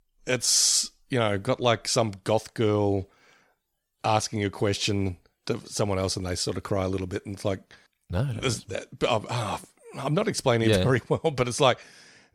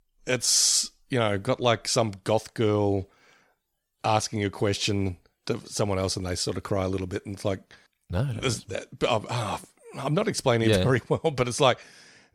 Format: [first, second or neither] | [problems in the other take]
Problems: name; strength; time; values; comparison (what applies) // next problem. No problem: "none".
neither | none